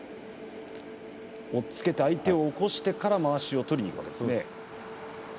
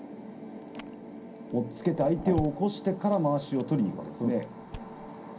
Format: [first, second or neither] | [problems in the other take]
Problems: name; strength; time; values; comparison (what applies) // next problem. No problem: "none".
first | background sound (Chewing, mastication); 15 dB below the speech // room echo; dies away in 0.3 s